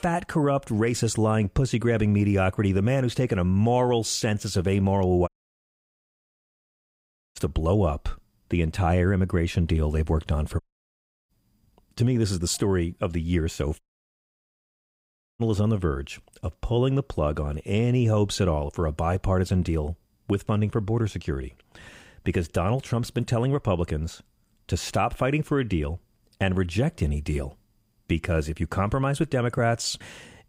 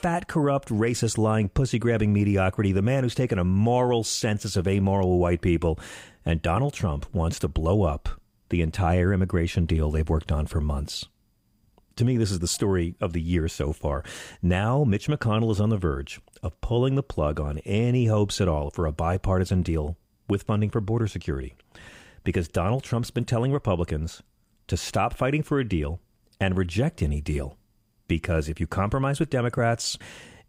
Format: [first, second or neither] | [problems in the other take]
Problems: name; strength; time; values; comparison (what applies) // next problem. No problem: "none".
second | audio cutting out; at 5.5 s for 2 s, at 11 s for 0.5 s and at 14 s for 1.5 s